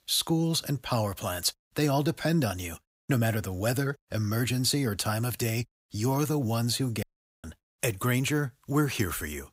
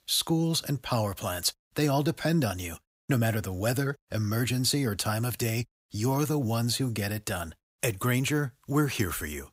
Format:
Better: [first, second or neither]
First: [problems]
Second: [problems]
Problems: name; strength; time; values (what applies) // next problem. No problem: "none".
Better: second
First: audio cutting out; at 7 s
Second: none